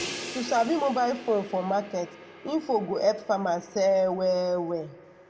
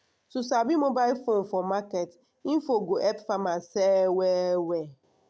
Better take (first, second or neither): second